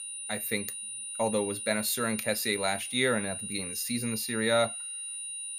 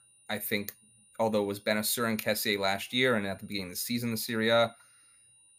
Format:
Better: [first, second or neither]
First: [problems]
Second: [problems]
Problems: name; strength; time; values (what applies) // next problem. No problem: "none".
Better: second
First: high-pitched whine; loud; throughout; 9.5 kHz, 5 dB below the speech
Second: high-pitched whine; faint; throughout; 9.5 kHz, 30 dB below the speech